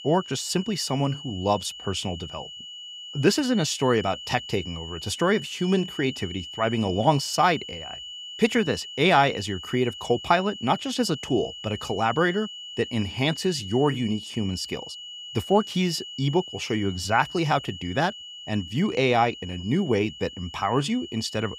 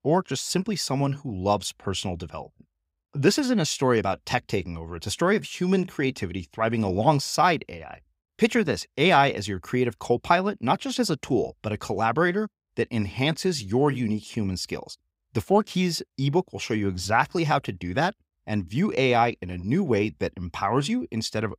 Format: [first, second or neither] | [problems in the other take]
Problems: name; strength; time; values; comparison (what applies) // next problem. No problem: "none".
second | high-pitched whine; noticeable; throughout; 3 kHz, 10 dB below the speech